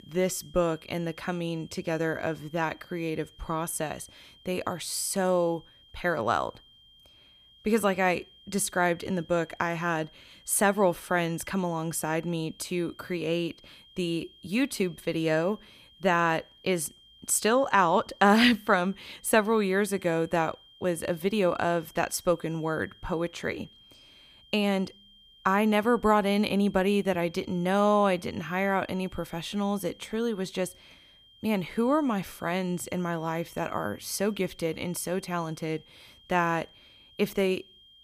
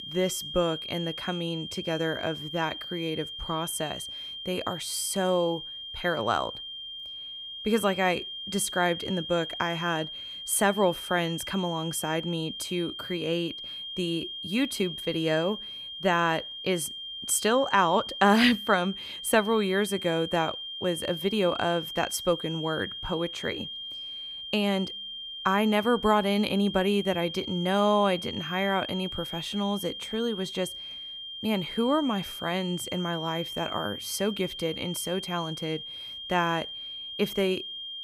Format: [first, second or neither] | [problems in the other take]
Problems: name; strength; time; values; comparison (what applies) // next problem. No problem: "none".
first | high-pitched whine; loud; throughout; 3 kHz, 8 dB below the speech; faint in the first